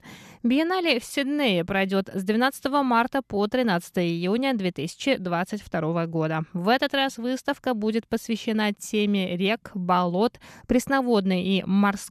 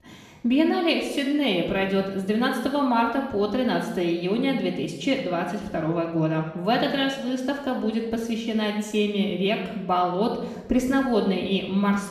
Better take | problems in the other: first | off-mic speech; far // room echo; noticeable; dies away in 0.9 s

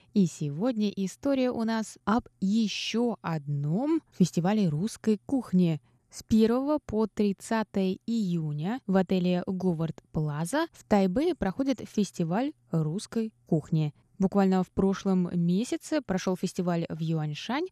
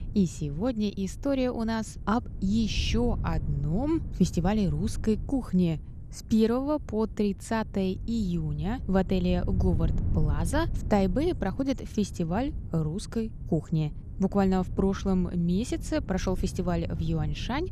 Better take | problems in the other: first | wind noise on the microphone; occasional gusts; 15 dB below the speech

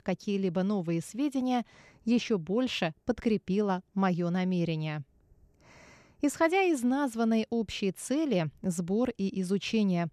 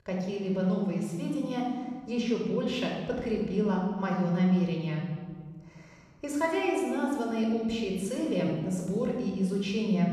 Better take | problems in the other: first | off-mic speech; somewhat distant // room echo; noticeable; dies away in 1.3 s

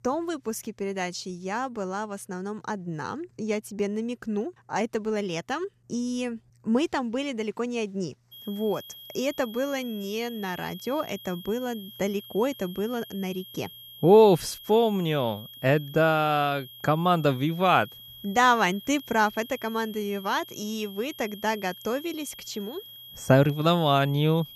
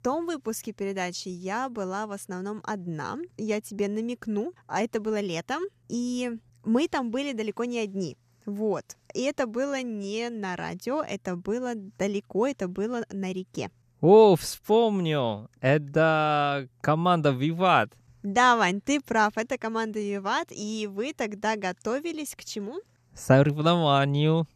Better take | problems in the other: second | high-pitched whine; noticeable; from 8.5 s on; 3.5 kHz, 15 dB below the speech

